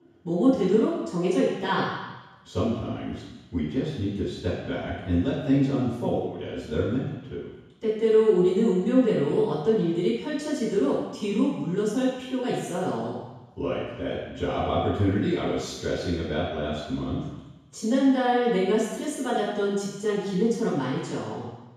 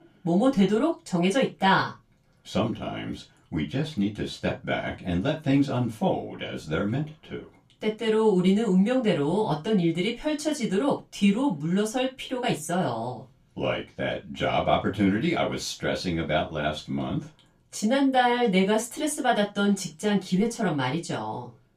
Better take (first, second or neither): second